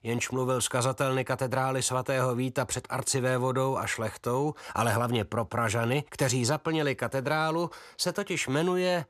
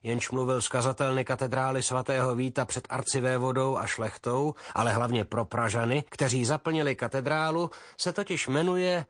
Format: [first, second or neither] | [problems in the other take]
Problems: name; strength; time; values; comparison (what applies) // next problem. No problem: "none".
first | garbled, watery; slightly; nothing above 9.5 kHz